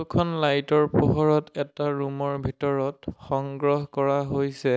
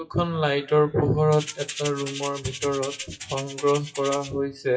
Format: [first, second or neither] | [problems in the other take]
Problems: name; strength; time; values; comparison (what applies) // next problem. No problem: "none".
first | noise reduction (classical method WPE with log-MMSE)